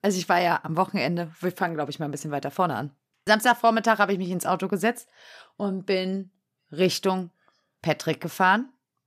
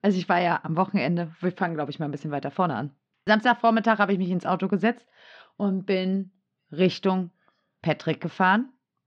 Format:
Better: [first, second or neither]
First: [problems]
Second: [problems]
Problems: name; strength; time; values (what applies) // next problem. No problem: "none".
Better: first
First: none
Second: muffled; very slightly; fading above 4 kHz